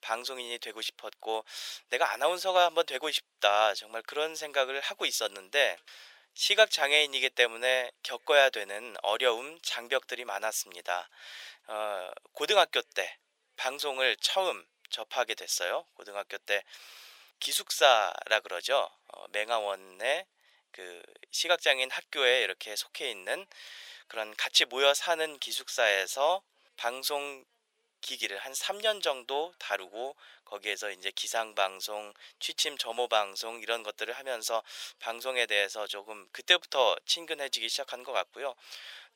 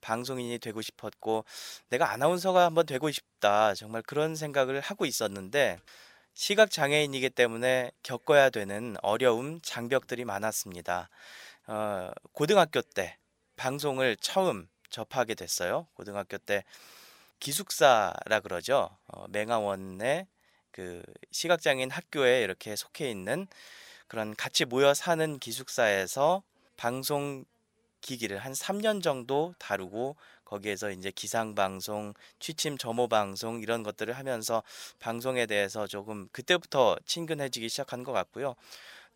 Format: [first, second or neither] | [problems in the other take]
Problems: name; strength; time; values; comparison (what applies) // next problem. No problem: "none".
second | thin; very; fading below 450 Hz